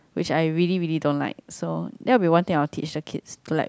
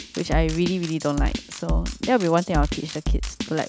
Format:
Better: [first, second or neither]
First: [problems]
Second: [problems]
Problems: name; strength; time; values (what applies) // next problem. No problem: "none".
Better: first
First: none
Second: background sound (Drum kit); 2 dB below the speech